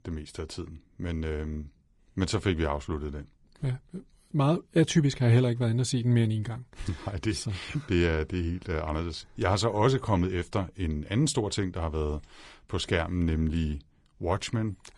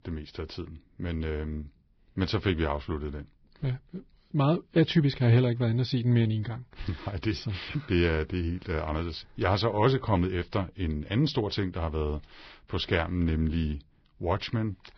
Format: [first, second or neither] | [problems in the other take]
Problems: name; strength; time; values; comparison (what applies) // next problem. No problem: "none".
first | garbled, watery; badly; nothing above 5.5 kHz; slightly in the first